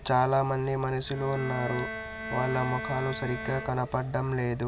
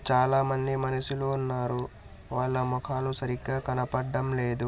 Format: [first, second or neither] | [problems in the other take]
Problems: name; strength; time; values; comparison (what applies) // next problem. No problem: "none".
second | background sound (Bowed string instrument); 10 dB below the speech